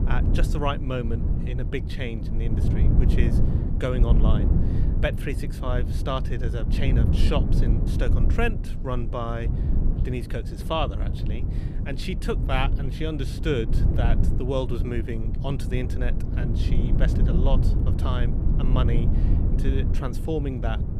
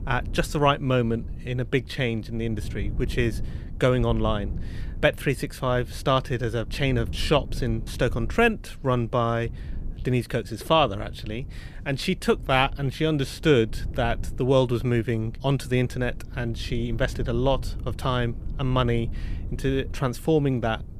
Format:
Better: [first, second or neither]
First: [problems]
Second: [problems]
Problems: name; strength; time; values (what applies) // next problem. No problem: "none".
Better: second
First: low rumble; loud; throughout; 6 dB below the speech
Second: low rumble; faint; throughout; 25 dB below the speech